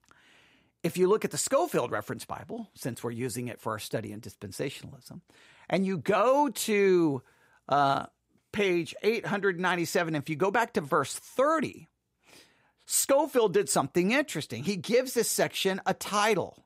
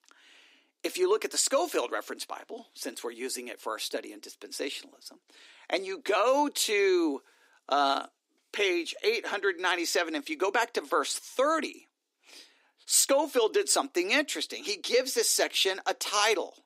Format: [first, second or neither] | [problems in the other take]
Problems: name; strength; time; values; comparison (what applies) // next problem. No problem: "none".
first | thin; very slightly; fading below 250 Hz